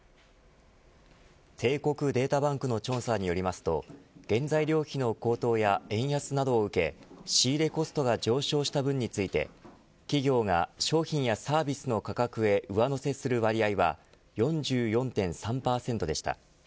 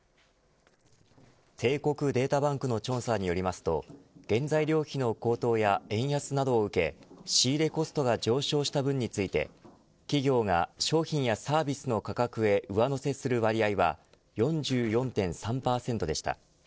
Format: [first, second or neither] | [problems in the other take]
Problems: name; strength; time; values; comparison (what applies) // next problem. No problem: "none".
first | noise reduction (neural separator model SepFormer DNS4)